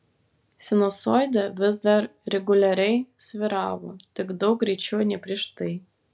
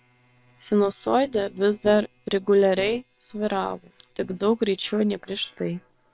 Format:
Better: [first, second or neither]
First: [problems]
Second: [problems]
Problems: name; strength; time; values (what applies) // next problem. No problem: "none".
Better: first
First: none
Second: noise reduction (neural separator model SepFormer WHAM!)